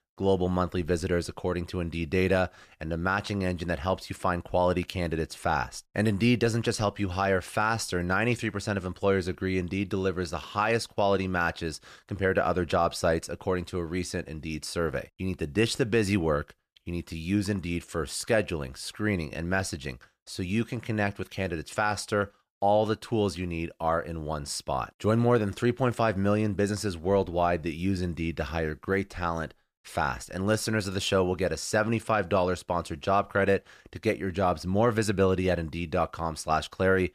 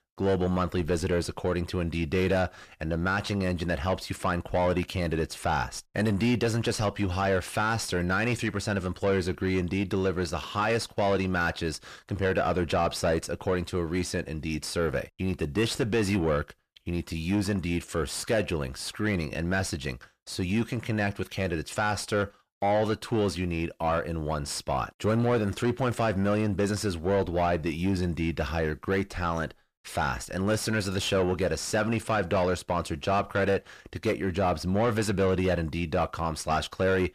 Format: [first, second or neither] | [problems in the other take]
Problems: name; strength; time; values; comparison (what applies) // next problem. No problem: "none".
first | distortion; slight; 10 dB below the speech